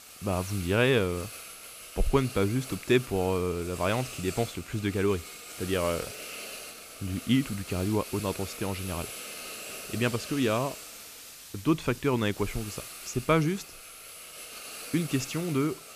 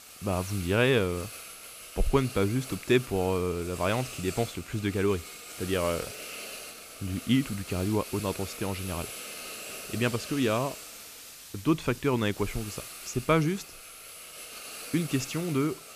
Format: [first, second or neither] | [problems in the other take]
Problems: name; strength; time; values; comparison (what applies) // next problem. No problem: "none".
neither | hiss; noticeable; throughout; 10 dB below the speech; the same in both